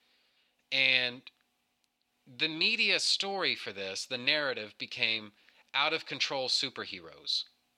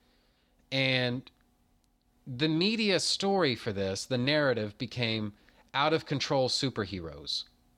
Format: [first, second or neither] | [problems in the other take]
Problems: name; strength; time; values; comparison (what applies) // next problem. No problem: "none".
second | thin; somewhat; fading below 650 Hz